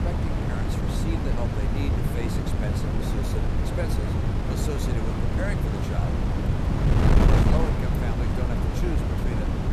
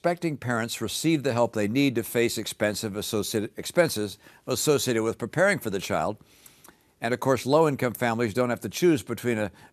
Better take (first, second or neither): second